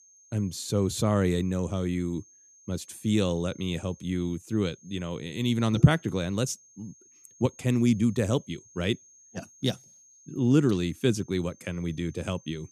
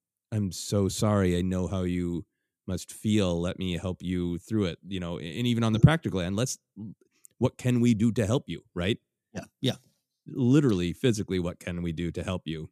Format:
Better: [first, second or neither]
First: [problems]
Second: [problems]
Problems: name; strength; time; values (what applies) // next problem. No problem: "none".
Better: second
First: high-pitched whine; faint; throughout; 6.5 kHz, 25 dB below the speech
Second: none